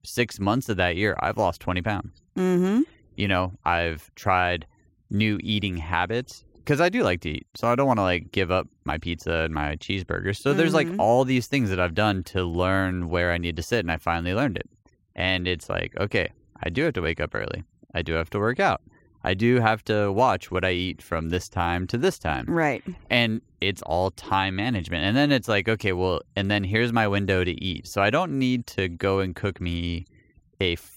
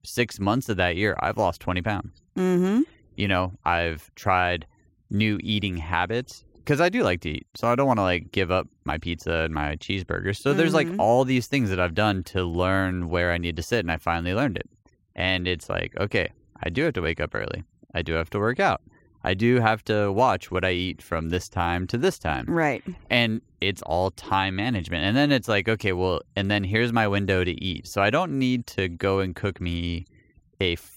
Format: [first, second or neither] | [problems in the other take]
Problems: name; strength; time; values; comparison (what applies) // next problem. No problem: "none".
neither | none